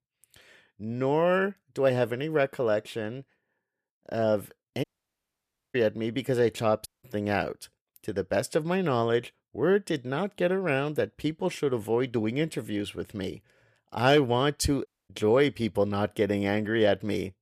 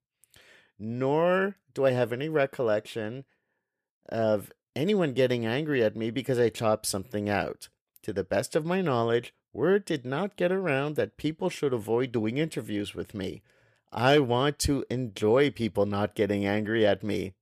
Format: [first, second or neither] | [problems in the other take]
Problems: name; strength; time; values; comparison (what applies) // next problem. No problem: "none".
second | audio cutting out; at 5 s for 1 s, at 7 s and at 15 s